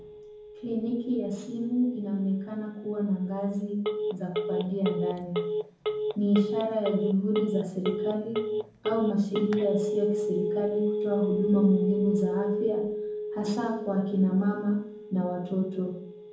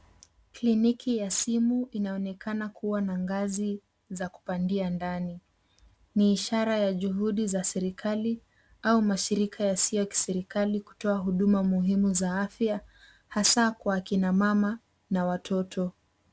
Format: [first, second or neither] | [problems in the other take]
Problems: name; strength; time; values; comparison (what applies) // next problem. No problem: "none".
second | background sound (Telephone); 4 dB below the speech // room echo; dies away in 0.7 s